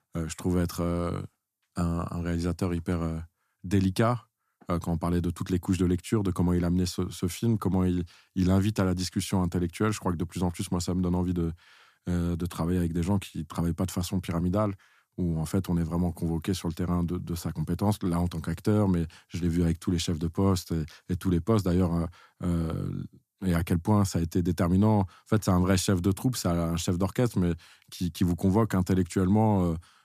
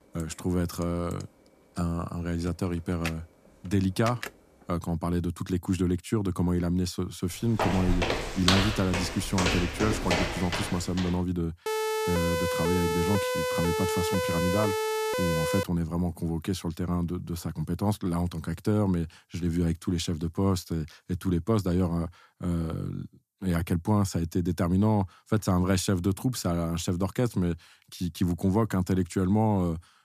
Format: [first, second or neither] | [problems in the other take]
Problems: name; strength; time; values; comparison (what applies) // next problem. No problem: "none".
first | keyboard typing; noticeable; until 4.5 s; peak 9 dB below the speech // footsteps; loud; from 7.5 to 11 s; peak 4 dB above the speech // siren; loud; from 12 to 16 s; peak 1 dB above the speech